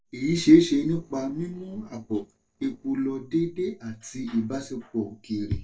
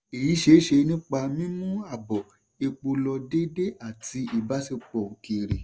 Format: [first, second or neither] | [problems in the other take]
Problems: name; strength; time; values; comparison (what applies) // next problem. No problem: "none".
second | noise reduction (neural separator model SepFormer DNS4)